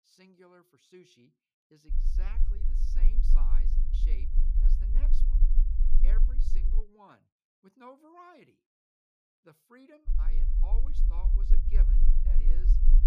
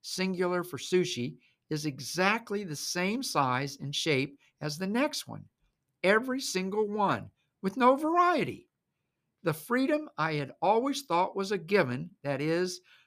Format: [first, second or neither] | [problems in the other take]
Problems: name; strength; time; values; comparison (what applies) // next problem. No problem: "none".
second | low rumble; loud; from 2 to 7 s and from 10 s on; 1 dB below the speech